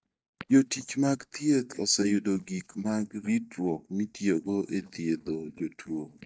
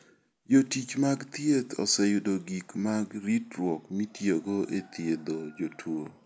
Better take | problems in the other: second | noise reduction (neural mask model DeepFilterNet 3)

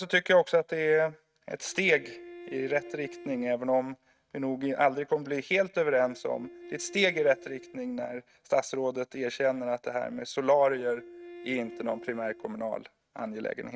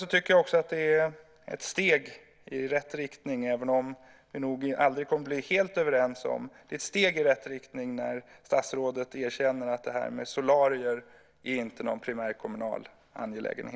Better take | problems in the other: second | noise reduction (neural mask model RNNoise)

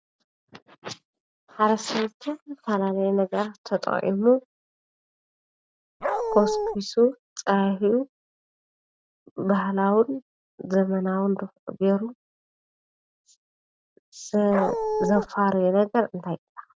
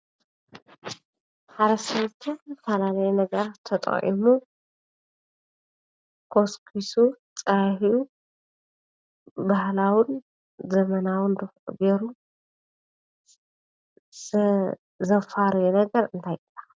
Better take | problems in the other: second | background sound (Dog); as loud as the speech

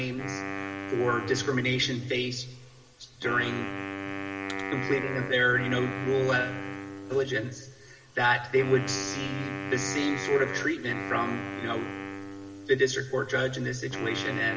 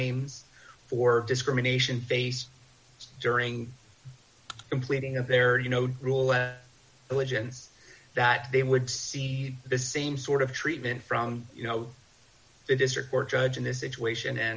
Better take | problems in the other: second | background sound (Wind instrument, woodwind instrument); 7 dB below the speech // room echo; dies away in 2.4 s

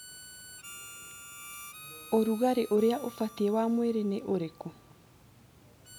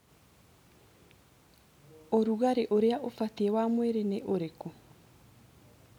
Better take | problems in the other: second | background sound (Harmonica); 18 dB below the speech

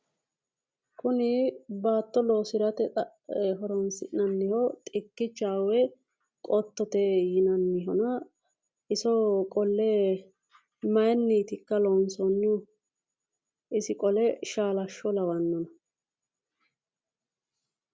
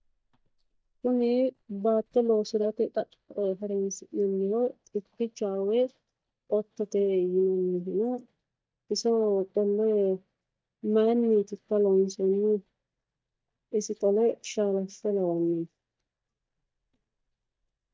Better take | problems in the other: first | noise reduction (neural mask model DeepFilterNet 3)

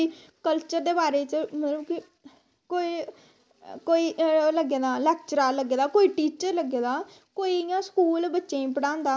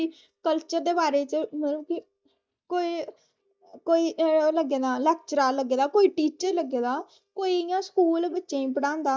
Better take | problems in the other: first | noise reduction (neural mask model DeepFilterNet 3)

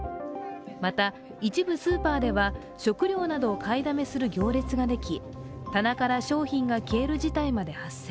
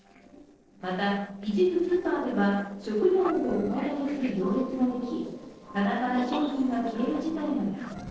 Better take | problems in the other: first | noise reduction (neural separator model SepFormer DNS4)

